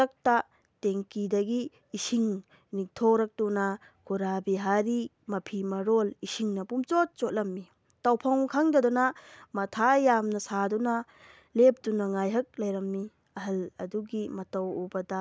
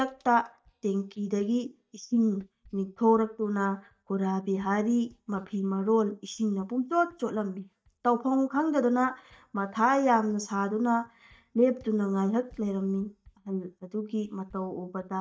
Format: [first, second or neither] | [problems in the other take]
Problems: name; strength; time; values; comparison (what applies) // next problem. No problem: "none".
first | noise reduction (neural mask model DeepFilterNet 3)